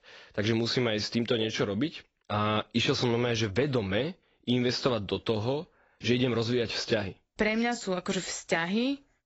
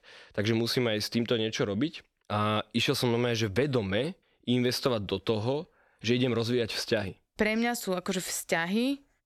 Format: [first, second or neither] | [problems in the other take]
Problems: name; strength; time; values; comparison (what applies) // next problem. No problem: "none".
second | garbled, watery; badly; nothing above 7.5 kHz